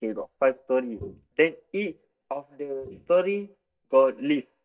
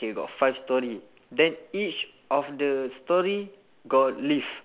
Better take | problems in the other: second | noise reduction (neural mask model DeepFilterNet 3)

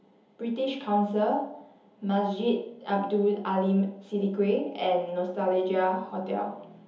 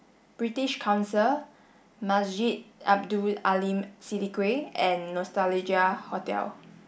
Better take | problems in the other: second | room echo; dies away in 0.7 s

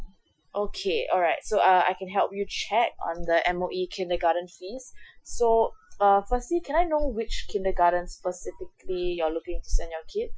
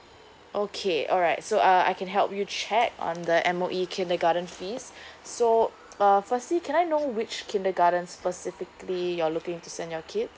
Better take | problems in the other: second | noise reduction (classical method Wiener filter)

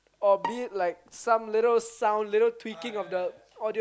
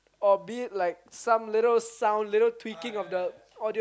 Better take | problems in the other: second | background sound (Bowed string instrument); 15 dB below the speech

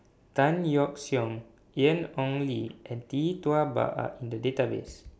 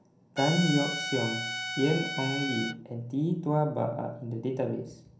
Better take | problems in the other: first | background sound (Trumpet); 5 dB below the speech // room echo; dies away in 0.6 s

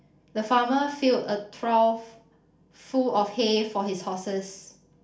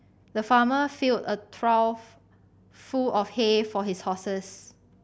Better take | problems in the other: second | room echo; dies away in 0.4 s

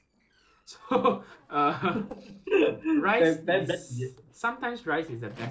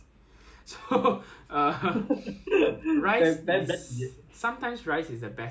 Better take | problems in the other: second | noise reduction (neural separator model SepFormer DNS4)

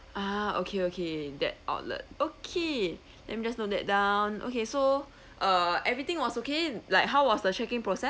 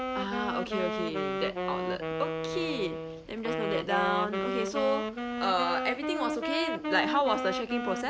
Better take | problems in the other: first | background sound (Wind instrument, woodwind instrument); 1 dB below the speech

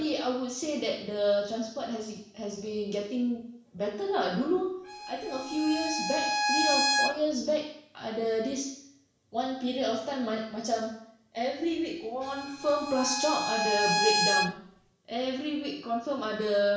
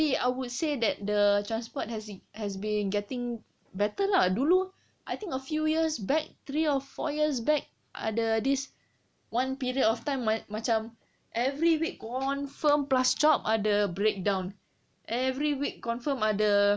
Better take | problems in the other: second | background sound (Bowed string instrument); as loud as the speech // room echo; dies away in 0.7 s

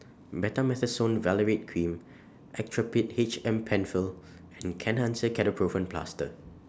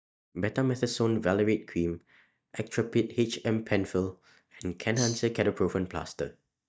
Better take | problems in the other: first | noise reduction (neural mask model DeepFilterNet 3)

